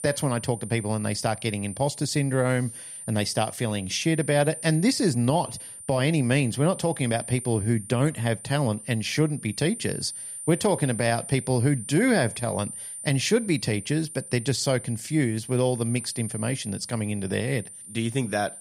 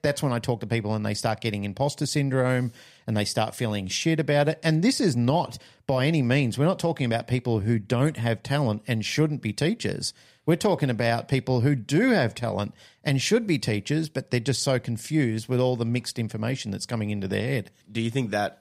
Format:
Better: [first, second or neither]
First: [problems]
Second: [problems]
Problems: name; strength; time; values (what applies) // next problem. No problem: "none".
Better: second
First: high-pitched whine; noticeable; throughout; 9 kHz, 10 dB below the speech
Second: none